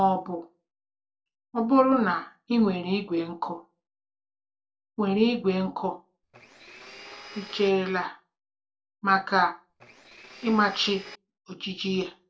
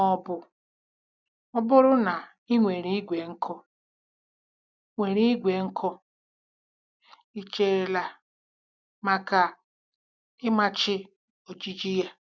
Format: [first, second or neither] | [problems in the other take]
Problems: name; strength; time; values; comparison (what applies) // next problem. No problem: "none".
second | noise reduction (neural separator model SepFormer DNS4)